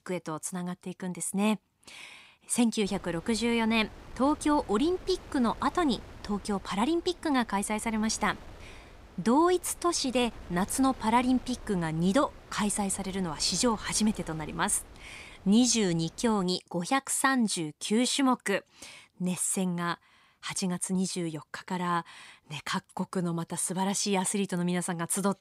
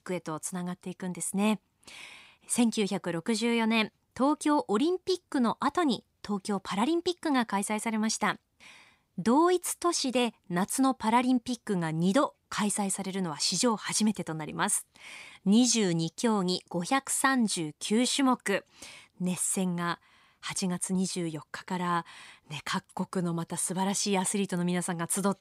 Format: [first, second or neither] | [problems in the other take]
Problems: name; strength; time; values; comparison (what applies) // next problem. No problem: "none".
second | wind noise on the microphone; occasional gusts; from 3 to 16 s; 20 dB below the speech